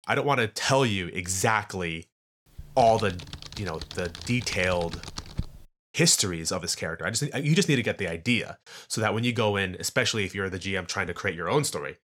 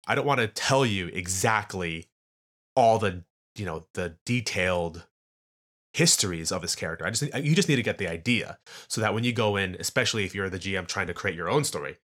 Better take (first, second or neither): second